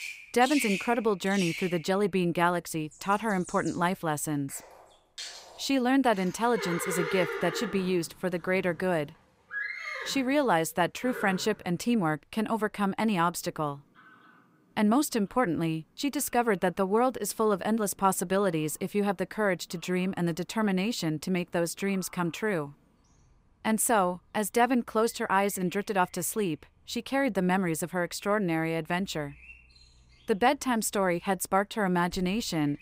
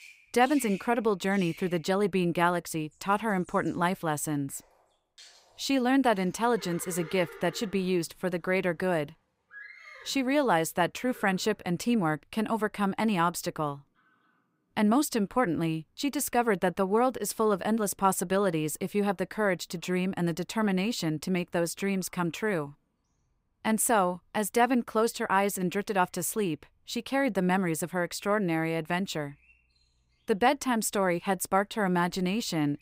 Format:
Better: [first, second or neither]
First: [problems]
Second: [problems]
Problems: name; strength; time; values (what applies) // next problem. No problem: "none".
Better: second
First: animal sounds; loud; throughout; 10 dB below the speech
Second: animal sounds; faint; throughout; 20 dB below the speech